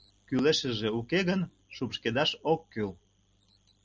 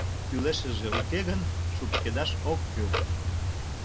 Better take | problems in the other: first | background sound (Clock); 4 dB above the speech

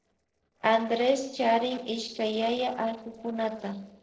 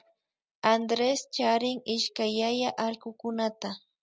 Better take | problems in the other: second | noise reduction (neural separator model SepFormer DNS4)

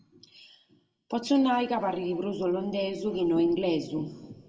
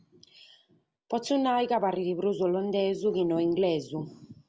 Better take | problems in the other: second | room echo; dies away in 1.4 s

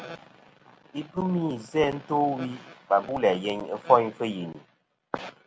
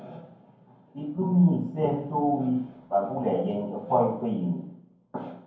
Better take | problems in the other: first | room echo; dies away in 0.9 s

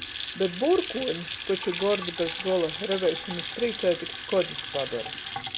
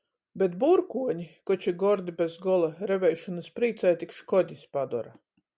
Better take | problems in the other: second | background sound (Sink (filling or washing) / Water tap, faucet / Splash, splatter); 7 dB below the speech

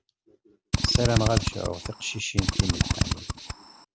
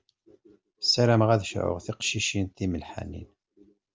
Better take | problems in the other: second | background sound (Drill); 4 dB above the speech

